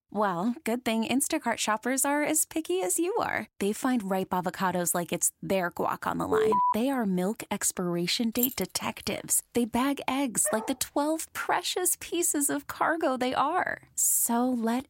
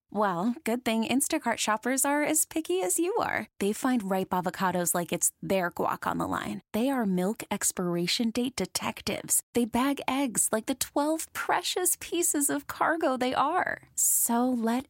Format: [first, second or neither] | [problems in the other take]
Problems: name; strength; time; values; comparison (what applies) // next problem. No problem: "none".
second | alarm; loud; at 6.5 s; peak 3 dB above the speech // jangling keys; noticeable; at 8.5 s; peak 2 dB below the speech // dog barking; noticeable; at 10 s; peak 10 dB below the speech